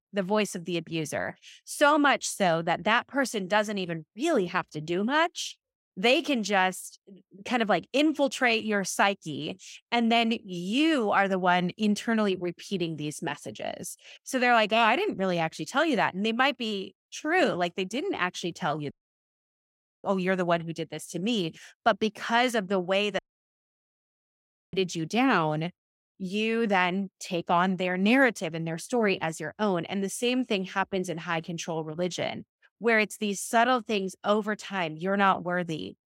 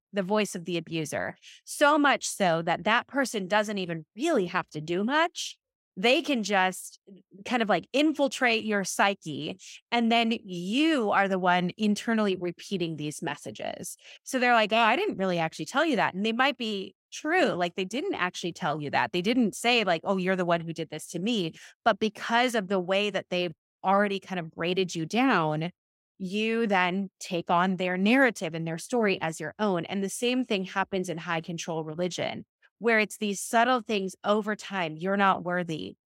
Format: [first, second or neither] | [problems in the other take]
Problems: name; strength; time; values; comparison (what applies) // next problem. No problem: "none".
second | audio cutting out; at 19 s for 1 s and at 23 s for 1.5 s